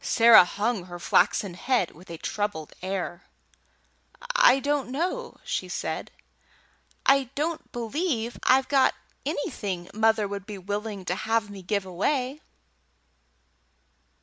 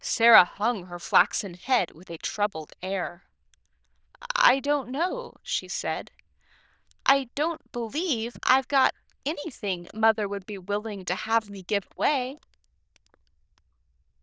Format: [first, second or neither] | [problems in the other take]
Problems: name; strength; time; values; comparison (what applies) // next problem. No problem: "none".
first | noise reduction (neural diffusion model UNIVERSE++)